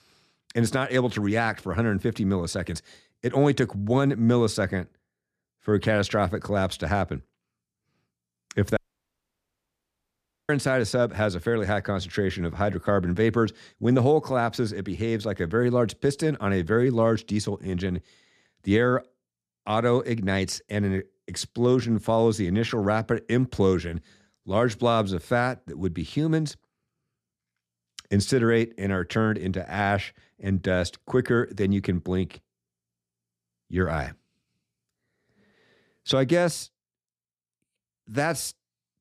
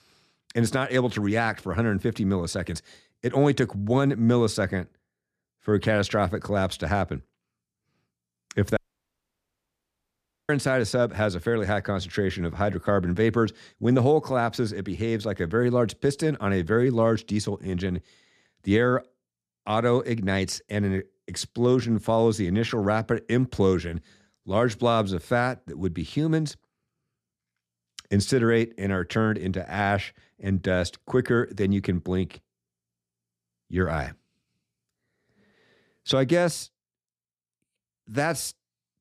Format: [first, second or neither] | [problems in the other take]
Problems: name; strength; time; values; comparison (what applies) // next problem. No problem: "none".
neither | audio cutting out; at 9 s for 1.5 s; the same in both